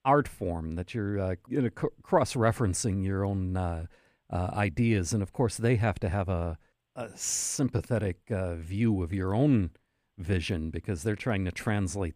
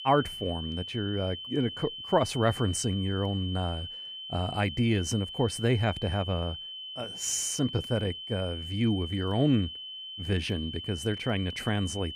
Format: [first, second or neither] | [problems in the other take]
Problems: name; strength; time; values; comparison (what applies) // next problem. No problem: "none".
first | high-pitched whine; loud; throughout; 3 kHz, 8 dB below the speech